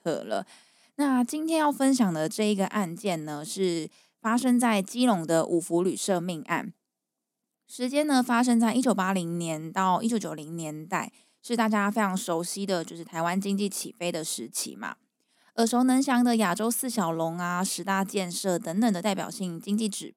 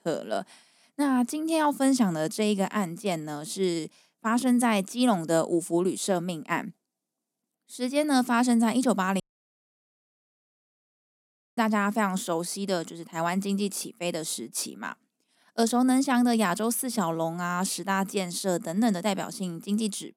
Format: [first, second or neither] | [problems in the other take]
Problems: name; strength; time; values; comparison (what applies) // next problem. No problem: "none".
first | audio cutting out; at 9 s for 2.5 s